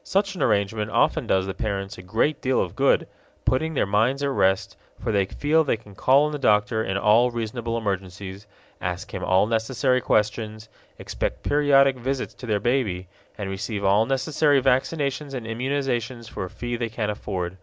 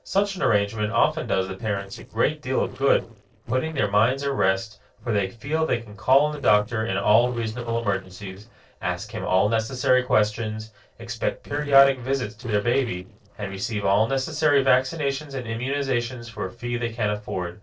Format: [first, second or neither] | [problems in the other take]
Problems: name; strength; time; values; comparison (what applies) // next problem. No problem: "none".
first | noise reduction (neural separator model SepFormer DNS4)